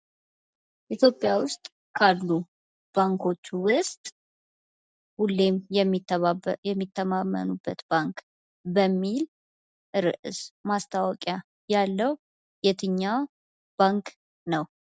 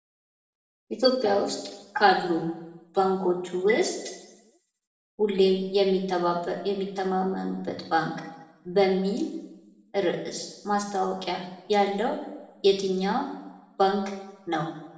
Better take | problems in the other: first | room echo; dies away in 0.9 s

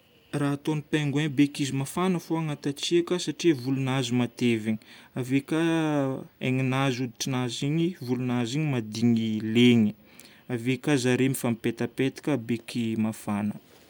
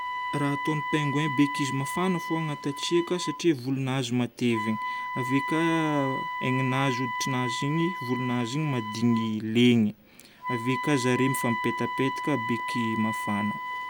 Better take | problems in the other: first | background sound (Wind instrument, woodwind instrument); 6 dB below the speech

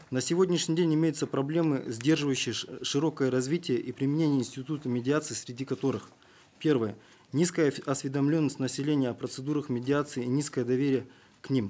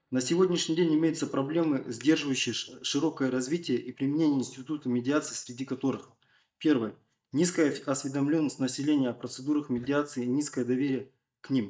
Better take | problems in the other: first | noise reduction (neural mask model DeepFilterNet 3)

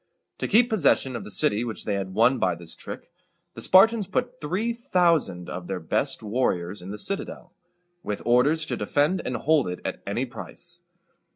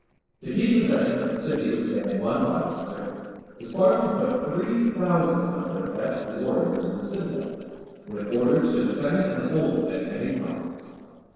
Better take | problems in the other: first | noise reduction (neural separator model SepFormer DNS4)

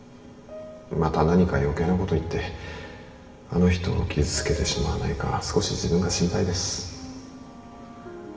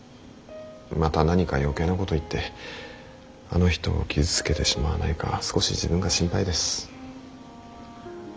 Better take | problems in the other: second | room echo; dies away in 1.8 s

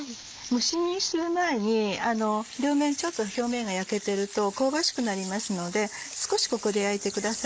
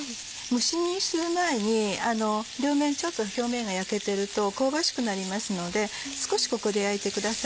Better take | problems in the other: second | noise reduction (neural mask model Resemble Enhance denoiser)

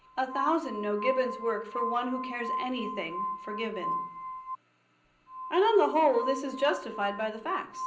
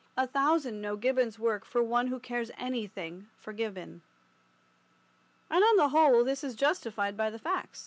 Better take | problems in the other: second | background sound (Glass); 7 dB below the speech // room echo; dies away in 0.5 s

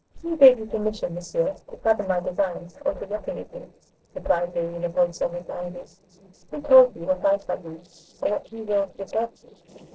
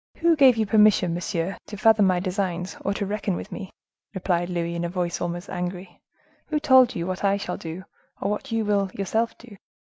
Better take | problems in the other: second | noise reduction (neural separator model SepFormer DNS4)

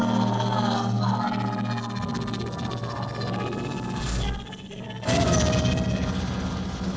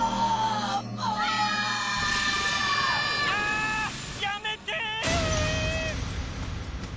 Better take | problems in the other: second | noise reduction (neural separator model SepFormer DNS4)

